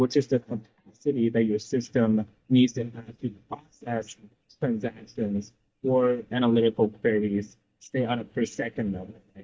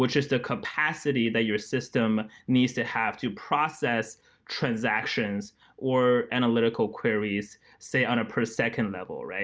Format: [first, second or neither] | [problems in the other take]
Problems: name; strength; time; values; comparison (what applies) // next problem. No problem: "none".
second | noise reduction (neural mask model DeepFilterNet 3)